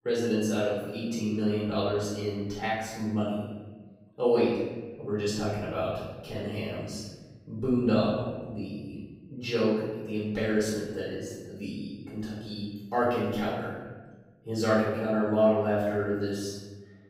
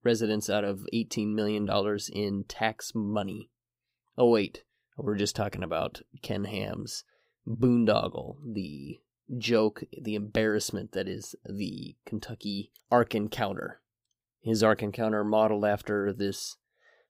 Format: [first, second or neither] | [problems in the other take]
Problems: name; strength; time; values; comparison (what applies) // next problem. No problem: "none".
second | off-mic speech; far // room echo; strong; dies away in 1.2 s